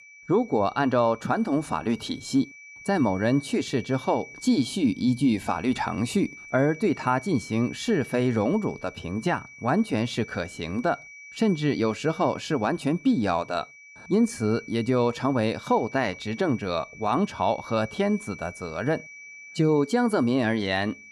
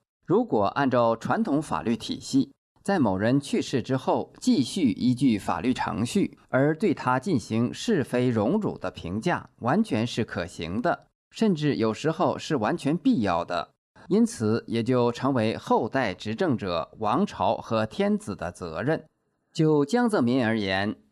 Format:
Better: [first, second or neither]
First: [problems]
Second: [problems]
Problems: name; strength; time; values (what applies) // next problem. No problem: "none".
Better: second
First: high-pitched whine; noticeable; throughout; 2.5 kHz, 15 dB below the speech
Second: none